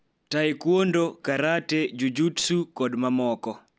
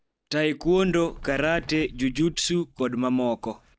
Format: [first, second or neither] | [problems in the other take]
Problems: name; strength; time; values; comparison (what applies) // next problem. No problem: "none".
first | noise reduction (neural mask model DeepFilterNet 3)